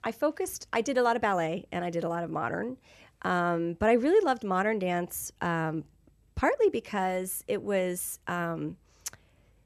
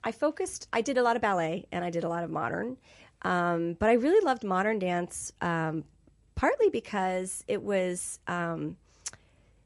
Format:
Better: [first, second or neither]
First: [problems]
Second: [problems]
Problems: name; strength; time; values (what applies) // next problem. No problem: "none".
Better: first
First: none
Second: garbled, watery; slightly; nothing above 11 kHz